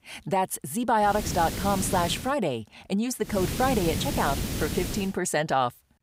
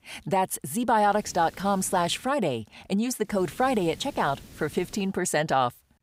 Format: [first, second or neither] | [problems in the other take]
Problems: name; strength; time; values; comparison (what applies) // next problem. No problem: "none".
second | hiss; loud; from 1 to 2 s and from 3.5 to 5 s; 5 dB below the speech; faint in the second